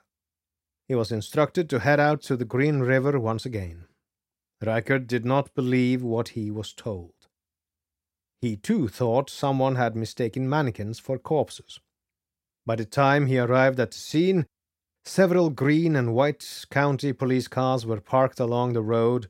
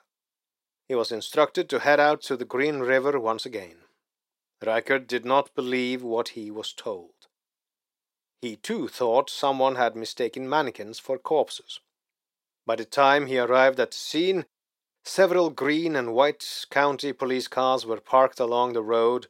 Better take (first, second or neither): first